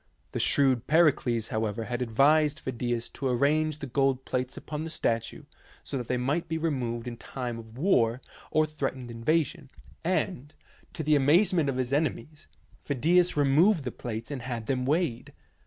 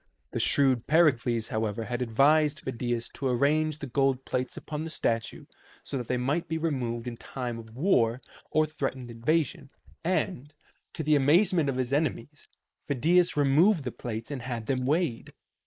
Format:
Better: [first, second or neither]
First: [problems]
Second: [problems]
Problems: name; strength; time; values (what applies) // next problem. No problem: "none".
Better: first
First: none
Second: noise reduction (neural mask model Resemble Enhance denoiser)